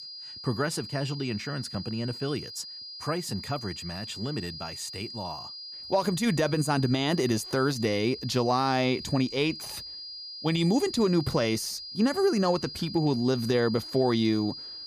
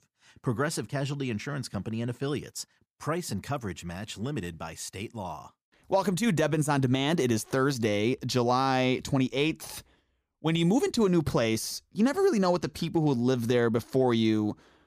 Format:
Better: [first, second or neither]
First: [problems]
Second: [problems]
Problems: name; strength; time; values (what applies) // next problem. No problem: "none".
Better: second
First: high-pitched whine; noticeable; throughout; 5 kHz, 10 dB below the speech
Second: none